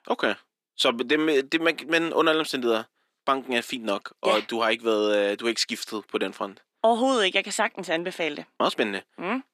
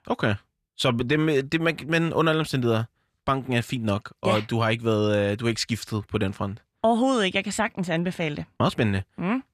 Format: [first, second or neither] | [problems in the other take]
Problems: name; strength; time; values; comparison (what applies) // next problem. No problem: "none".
second | thin; somewhat; fading below 300 Hz